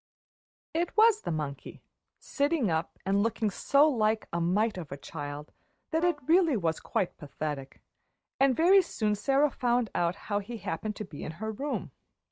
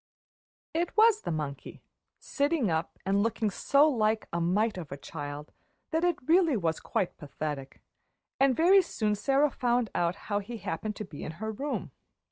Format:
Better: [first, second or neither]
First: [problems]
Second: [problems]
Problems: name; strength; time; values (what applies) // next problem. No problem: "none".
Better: second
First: background sound (Brass instrument); 20 dB below the speech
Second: none